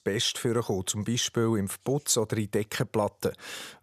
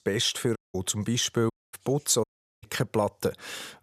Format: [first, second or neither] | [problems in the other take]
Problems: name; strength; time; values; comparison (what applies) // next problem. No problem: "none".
first | audio cutting out; at 0.5 s, at 1.5 s and at 2 s